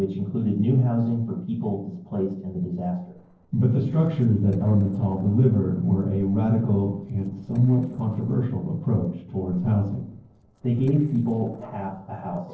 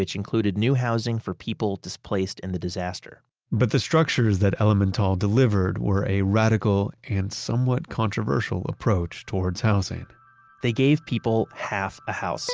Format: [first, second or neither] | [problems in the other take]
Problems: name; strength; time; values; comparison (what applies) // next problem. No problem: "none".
second | noise reduction (neural separator model SepFormer DNS4)